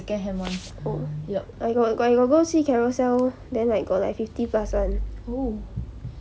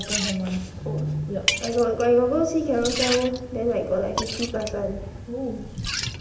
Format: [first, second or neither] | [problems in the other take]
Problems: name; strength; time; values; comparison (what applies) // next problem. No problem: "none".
first | background sound (Liquid); 7 dB below the speech // room echo; dies away in 0.8 s